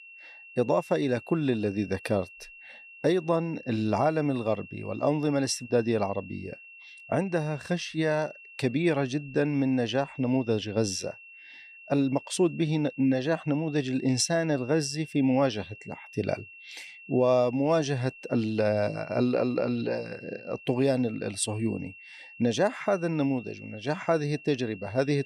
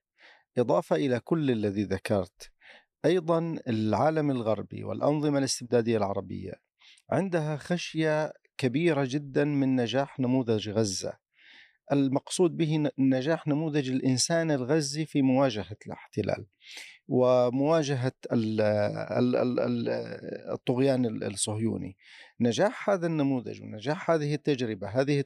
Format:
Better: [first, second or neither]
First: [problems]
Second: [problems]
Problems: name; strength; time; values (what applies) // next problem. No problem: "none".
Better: second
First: high-pitched whine; noticeable; throughout; 2.5 kHz, 20 dB below the speech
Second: none